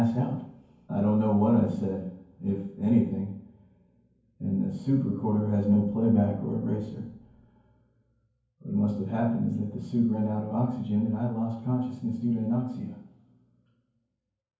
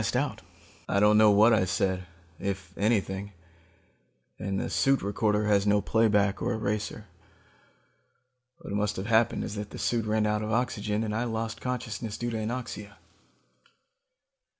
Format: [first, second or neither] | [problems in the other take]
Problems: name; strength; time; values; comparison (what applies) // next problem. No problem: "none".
second | room echo; dies away in 0.9 s